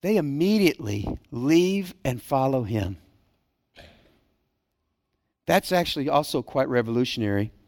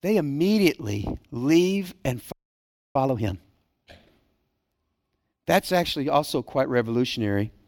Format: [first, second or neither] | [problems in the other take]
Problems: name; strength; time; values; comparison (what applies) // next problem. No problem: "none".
first | audio freezing; at 2.5 s for 0.5 s